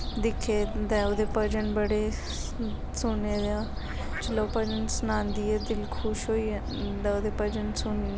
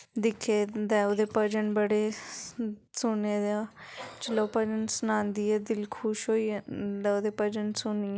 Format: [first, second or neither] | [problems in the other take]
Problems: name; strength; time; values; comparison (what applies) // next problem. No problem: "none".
second | background sound (Fowl); 2 dB below the speech